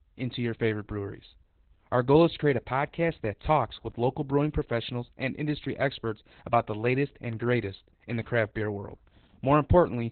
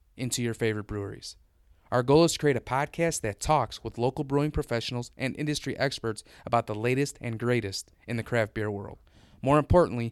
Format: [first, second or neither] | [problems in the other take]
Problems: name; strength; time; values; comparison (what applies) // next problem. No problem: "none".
second | garbled, watery; badly; nothing above 4 kHz